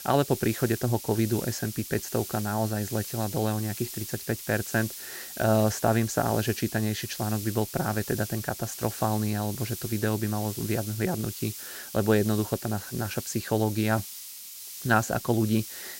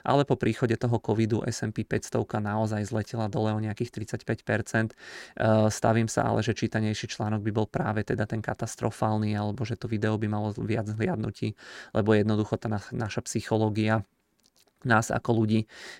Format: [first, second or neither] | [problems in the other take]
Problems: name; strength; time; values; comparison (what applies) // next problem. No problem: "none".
second | hiss; loud; throughout; 9 dB below the speech